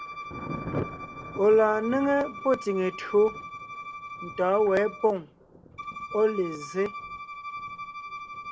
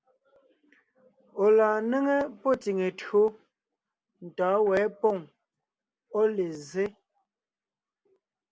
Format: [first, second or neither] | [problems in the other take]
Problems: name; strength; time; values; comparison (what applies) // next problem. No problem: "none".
second | background sound (Thunder + Bowed string instrument); 11 dB below the speech